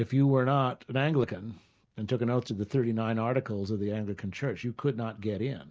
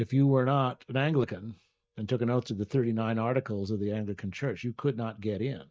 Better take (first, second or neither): first